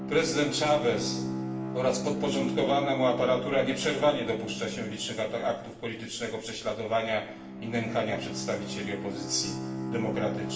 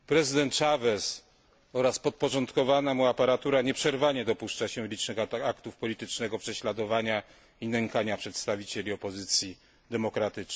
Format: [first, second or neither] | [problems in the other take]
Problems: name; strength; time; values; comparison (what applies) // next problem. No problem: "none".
second | background sound (Bowed string instrument); 6 dB below the speech // room echo; dies away in 0.8 s